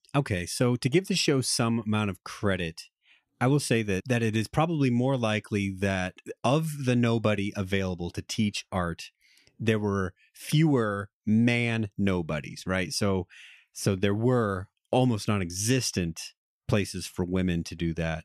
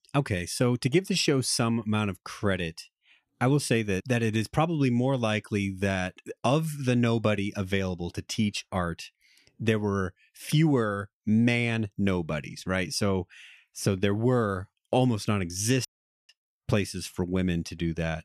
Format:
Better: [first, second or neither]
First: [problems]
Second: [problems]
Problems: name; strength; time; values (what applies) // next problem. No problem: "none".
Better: first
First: none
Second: audio cutting out; at 16 s